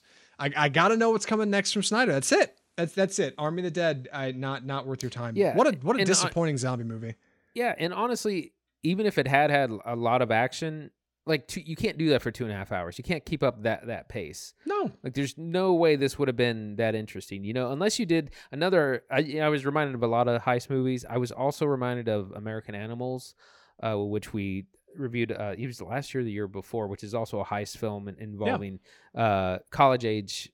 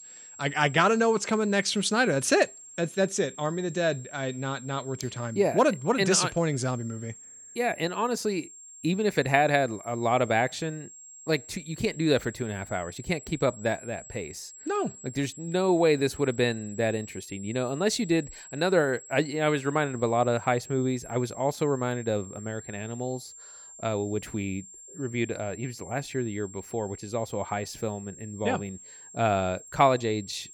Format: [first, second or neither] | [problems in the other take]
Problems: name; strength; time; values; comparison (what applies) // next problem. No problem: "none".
first | high-pitched whine; noticeable; throughout; 7.5 kHz, 15 dB below the speech